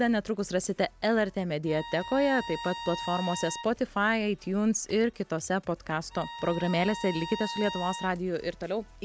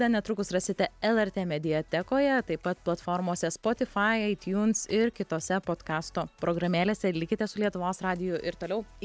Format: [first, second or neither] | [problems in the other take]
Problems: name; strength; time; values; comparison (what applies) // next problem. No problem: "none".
second | background sound (Bowed string instrument); 12 dB below the speech